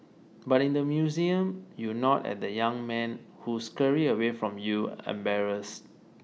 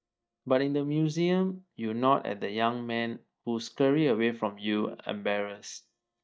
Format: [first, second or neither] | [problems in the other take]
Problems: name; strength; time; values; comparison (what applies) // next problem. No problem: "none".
first | noise reduction (neural mask model DeepFilterNet 3)